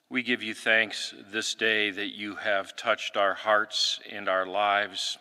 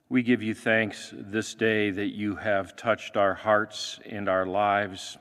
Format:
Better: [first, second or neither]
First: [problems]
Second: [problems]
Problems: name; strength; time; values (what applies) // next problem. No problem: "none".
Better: second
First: thin; somewhat; fading below 900 Hz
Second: none